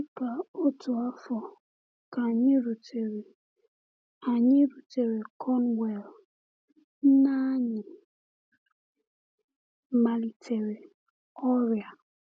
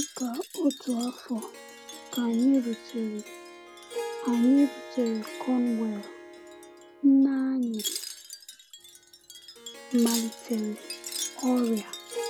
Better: first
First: none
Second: background sound (Harp + Wind chime); 11 dB below the speech

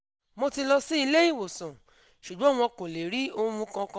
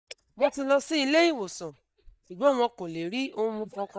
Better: first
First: none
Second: noise reduction (neural mask model DeepFilterNet 3)

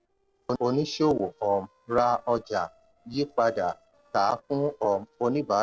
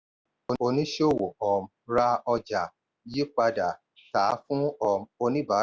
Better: second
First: noise reduction (neural separator model SepFormer DNS4)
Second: none

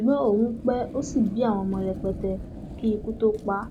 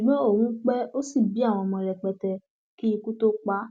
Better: second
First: background sound (Fire); 12 dB below the speech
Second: none

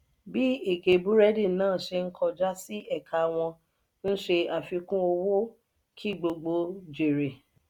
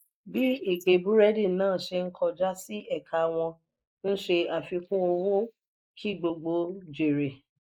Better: first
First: none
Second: noise reduction (neural mask model Resemble Enhance denoiser)

